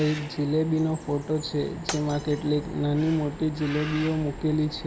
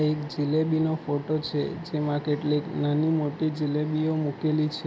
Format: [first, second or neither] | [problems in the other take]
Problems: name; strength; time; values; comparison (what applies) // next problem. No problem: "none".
second | background sound (Bird + Shatter); 15 dB below the speech